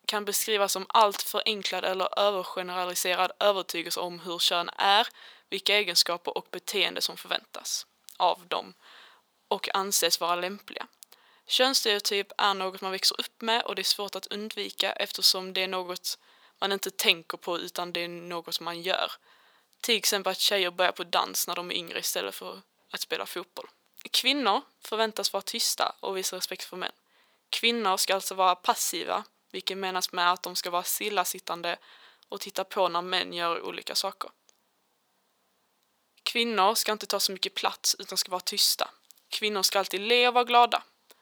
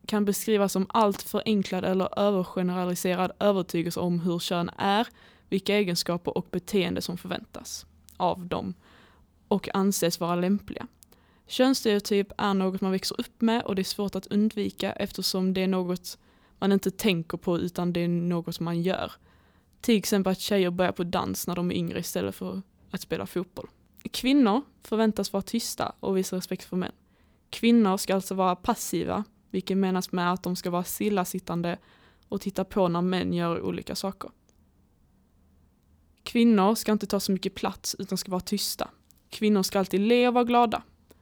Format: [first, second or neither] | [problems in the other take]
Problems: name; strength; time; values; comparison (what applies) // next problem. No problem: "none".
second | thin; very; fading below 700 Hz